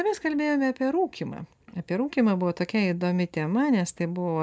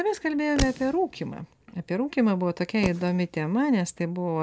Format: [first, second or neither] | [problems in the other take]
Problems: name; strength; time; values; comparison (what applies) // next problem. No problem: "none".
first | background sound (Fireworks); 11 dB below the speech